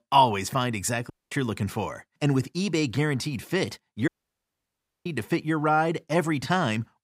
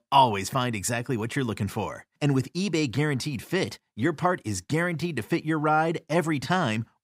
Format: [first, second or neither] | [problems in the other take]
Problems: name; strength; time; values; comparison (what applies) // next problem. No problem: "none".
second | audio cutting out; at 1 s and at 4 s for 1 s